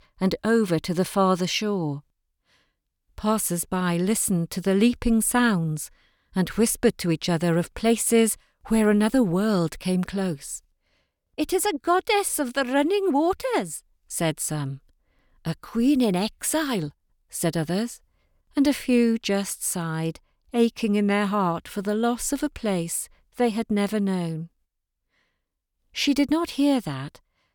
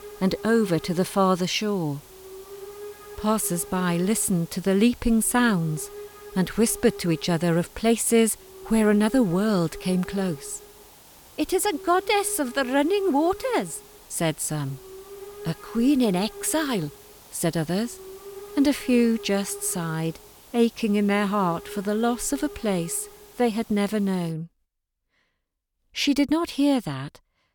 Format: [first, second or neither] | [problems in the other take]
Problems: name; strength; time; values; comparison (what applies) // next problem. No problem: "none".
first | hiss; noticeable; until 24 s; 20 dB below the speech